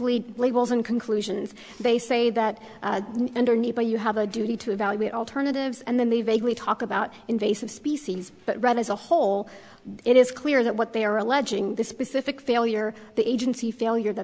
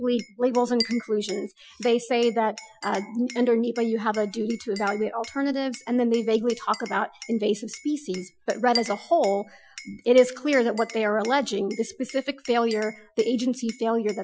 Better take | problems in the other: first | noise reduction (classical method Wiener filter)

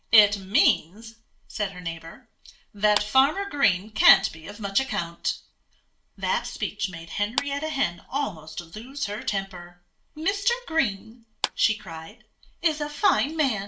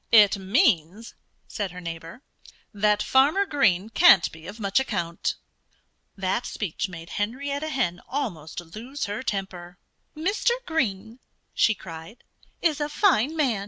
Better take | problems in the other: second | background sound (Clapping); 9 dB below the speech // room echo; dies away in 0.3 s

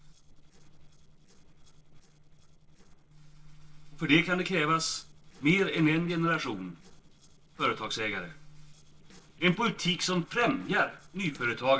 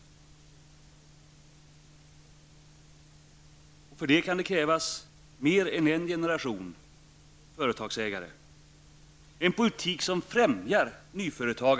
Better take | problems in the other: second | noise reduction (neural separator model SepFormer DNS4)

